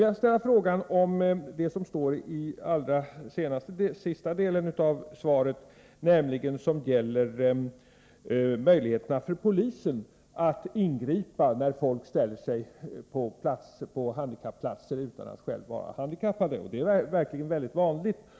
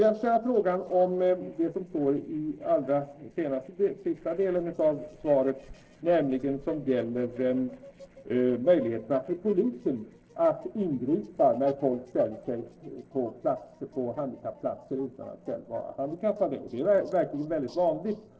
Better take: first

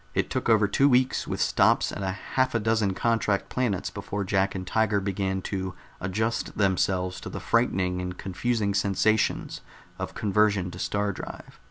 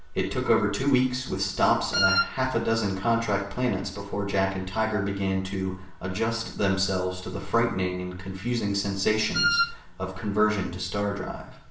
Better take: first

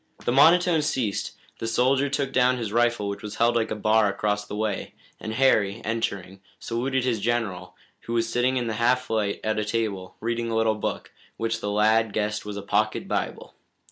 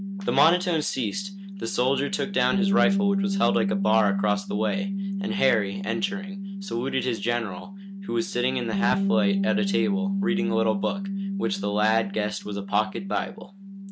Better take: first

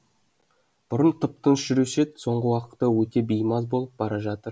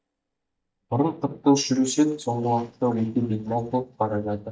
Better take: first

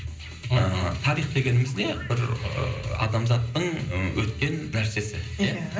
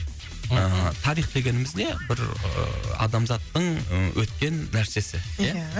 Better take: second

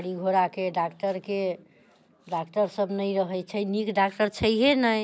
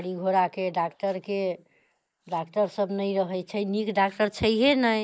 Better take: first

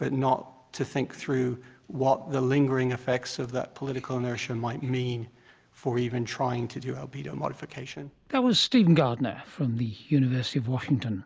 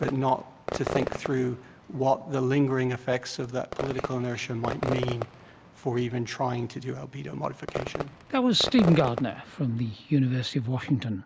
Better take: first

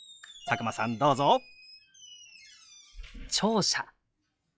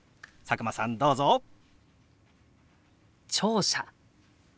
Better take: second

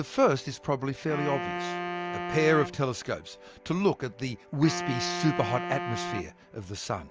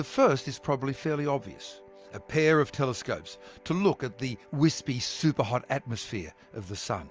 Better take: second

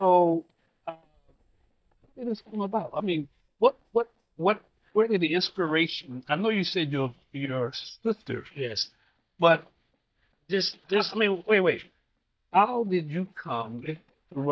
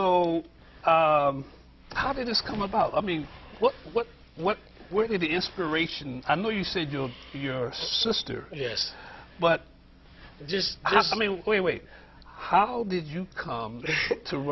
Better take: second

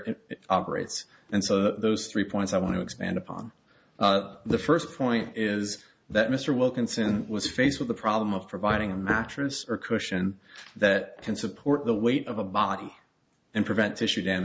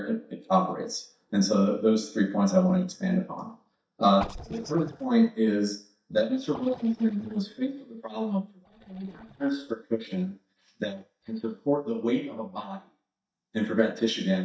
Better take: first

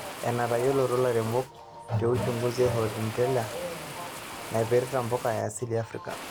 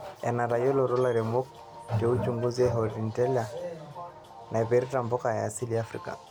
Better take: second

